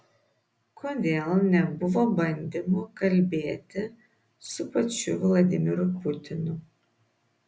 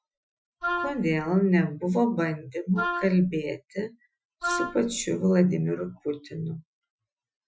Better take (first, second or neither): first